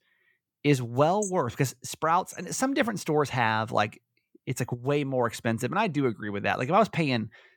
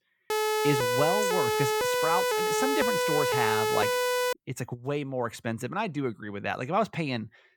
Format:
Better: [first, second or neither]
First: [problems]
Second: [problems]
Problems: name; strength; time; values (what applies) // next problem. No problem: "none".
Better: first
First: none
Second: siren; loud; until 4.5 s; peak 5 dB above the speech